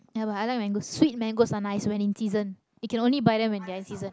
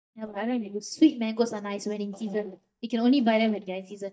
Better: first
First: none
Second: noise reduction (neural mask model DeepFilterNet 3)

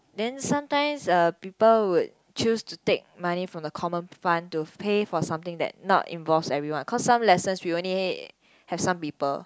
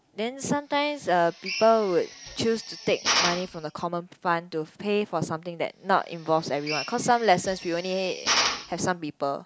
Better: first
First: none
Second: background sound (Drill); 6 dB below the speech

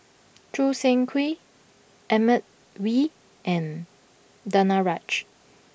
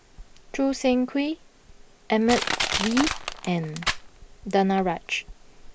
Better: first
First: none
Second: background sound (Crushing); 7 dB below the speech

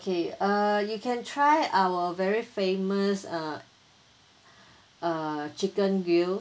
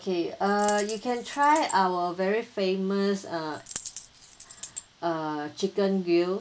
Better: first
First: none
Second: background sound (Coin (dropping)); 14 dB below the speech

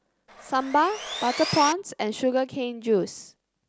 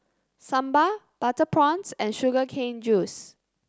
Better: second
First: background sound (Sawing); 7 dB below the speech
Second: none

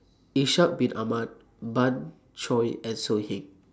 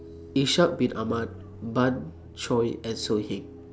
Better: first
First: none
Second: background sound (Piano + Car passing by); 16 dB below the speech

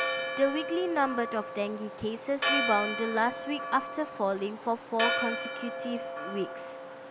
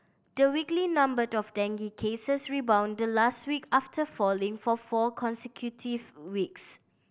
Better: second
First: background sound (Church bell); 3 dB below the speech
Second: none

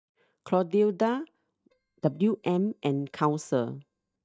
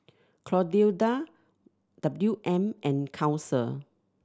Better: second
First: noise reduction (neural mask model DeepFilterNet 3)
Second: none

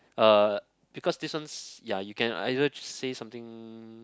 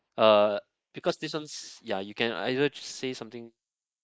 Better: first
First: none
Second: noise reduction (neural mask model Resemble Enhance denoiser)

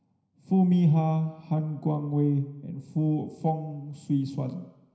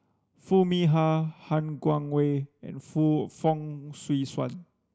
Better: second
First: room echo; dies away in 0.9 s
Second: none

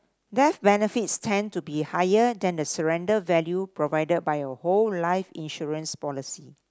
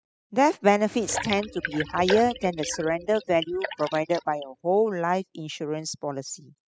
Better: first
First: none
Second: noise reduction (classical method spectral subtraction)

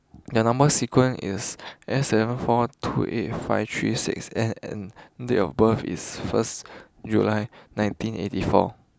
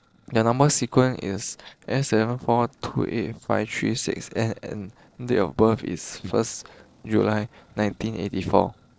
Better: first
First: none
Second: noise reduction (neural separator model SepFormer DNS4)

